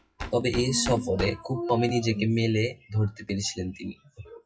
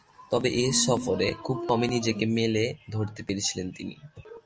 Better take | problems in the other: second | noise reduction (classical method WPE with log-MMSE)

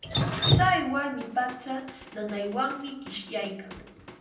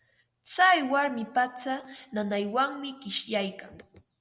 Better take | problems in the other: second | background sound (Drip); 1 dB below the speech // room echo; dies away in 0.6 s

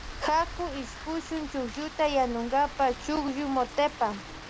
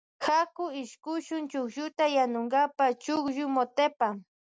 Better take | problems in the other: second | background sound (Rain); 12 dB below the speech

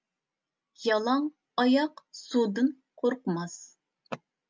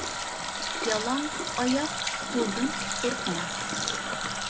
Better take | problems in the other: first | background sound (Water tap, faucet); 1 dB above the speech

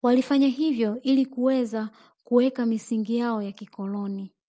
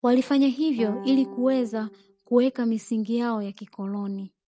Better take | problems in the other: first | noise reduction (neural mask model RNNoise)

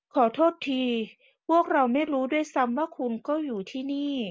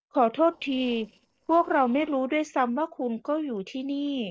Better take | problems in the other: first | noise reduction (neural separator model SepFormer DNS4)

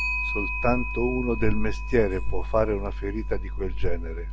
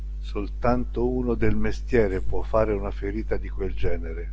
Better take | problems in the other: second | background sound (Clock); 12 dB below the speech

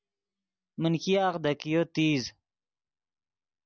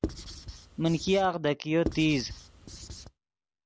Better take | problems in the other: first | background sound (Writing); 9 dB below the speech

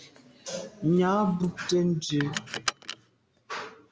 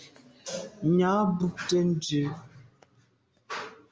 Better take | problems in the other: second | background sound (Car); 12 dB below the speech

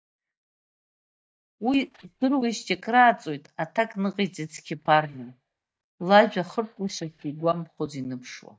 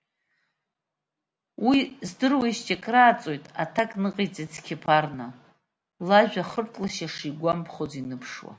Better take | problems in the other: second | noise reduction (neural mask model DeepFilterNet 3)

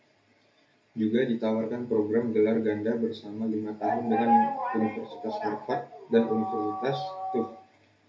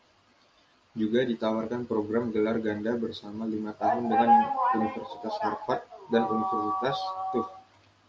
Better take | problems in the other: second | room echo; dies away in 0.3 s

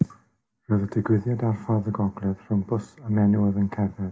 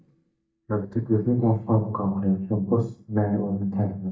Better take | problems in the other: first | noise reduction (neural mask model DeepFilterNet 3)

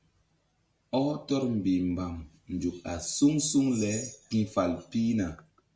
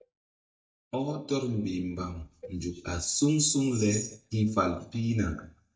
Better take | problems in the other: first | noise reduction (neural mask model DeepFilterNet 3)

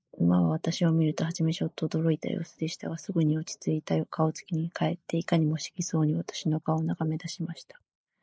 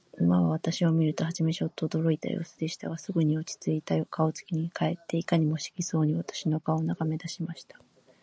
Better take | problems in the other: second | noise reduction (neural mask model Resemble Enhance denoiser)

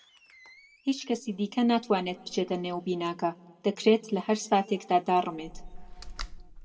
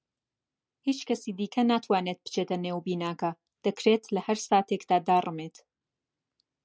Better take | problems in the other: second | background sound (Slam); 18 dB below the speech // room echo; dies away in 1.7 s

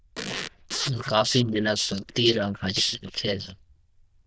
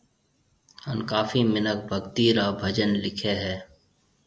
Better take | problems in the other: second | noise reduction (neural diffusion model UNIVERSE++)

